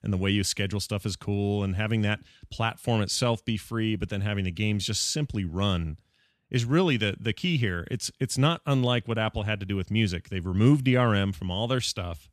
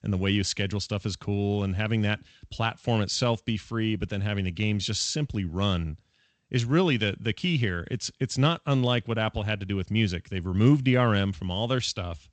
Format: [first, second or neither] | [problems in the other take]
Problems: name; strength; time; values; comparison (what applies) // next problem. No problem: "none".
first | garbled, watery; slightly; nothing above 8 kHz